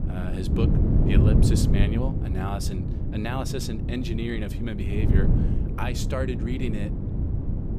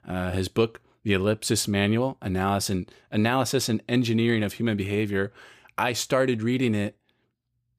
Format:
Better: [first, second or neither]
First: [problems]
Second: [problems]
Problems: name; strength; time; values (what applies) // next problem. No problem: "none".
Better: second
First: wind noise on the microphone; heavy; 1 dB below the speech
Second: none